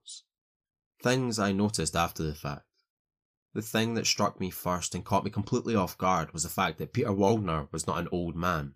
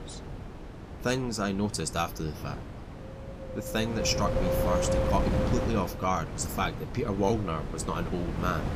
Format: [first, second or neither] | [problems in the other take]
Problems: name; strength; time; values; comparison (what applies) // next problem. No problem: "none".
first | wind noise on the microphone; heavy; 3 dB below the speech